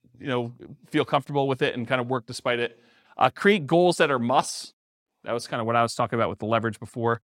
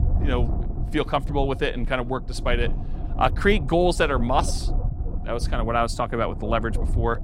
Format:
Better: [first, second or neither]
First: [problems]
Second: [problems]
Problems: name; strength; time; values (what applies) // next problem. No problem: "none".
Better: first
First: none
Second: low rumble; noticeable; throughout; 15 dB below the speech